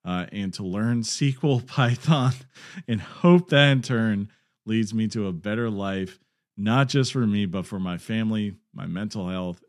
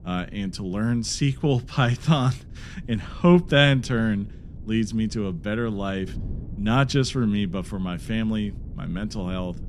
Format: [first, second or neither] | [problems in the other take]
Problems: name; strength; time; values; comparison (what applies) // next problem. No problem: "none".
first | wind noise on the microphone; occasional gusts; 25 dB below the speech